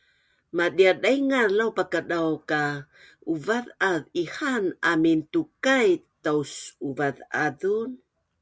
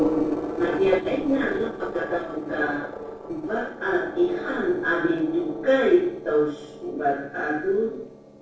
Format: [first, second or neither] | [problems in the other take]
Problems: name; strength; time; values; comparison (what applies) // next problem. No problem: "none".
first | noise reduction (neural separator model SepFormer DNS4)